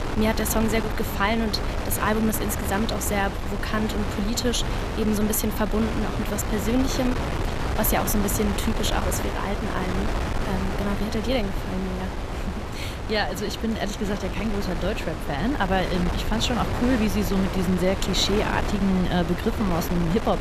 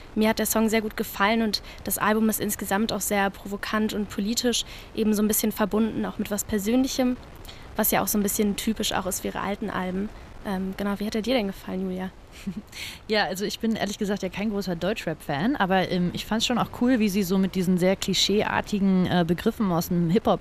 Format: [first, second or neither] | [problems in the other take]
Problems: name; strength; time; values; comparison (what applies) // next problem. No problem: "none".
second | wind noise on the microphone; heavy; 4 dB below the speech; occasional gusts in the second